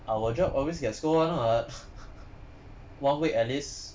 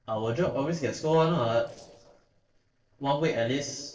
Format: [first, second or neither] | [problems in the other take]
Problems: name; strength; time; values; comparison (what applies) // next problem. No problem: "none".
first | noise reduction (neural separator model SepFormer DNS4)